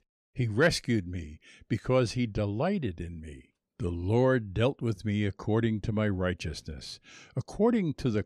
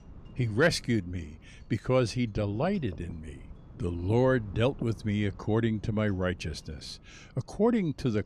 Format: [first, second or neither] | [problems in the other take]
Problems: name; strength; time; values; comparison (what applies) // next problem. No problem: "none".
first | wind noise on the microphone; occasional gusts; 25 dB below the speech